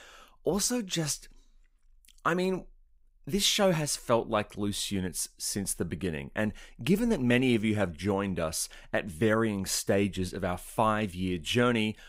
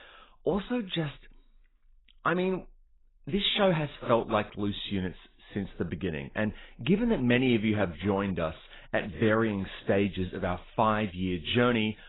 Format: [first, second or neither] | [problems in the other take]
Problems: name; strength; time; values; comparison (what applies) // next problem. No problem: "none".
first | garbled, watery; badly; nothing above 4 kHz